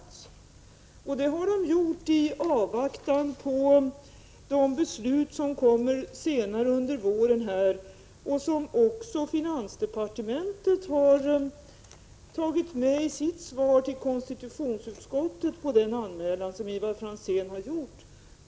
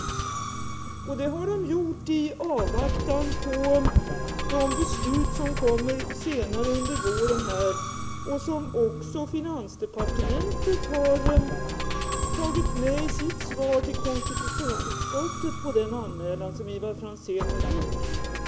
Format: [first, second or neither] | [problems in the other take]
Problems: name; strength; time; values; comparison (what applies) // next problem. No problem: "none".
first | background sound (Musical instrument); as loud as the speech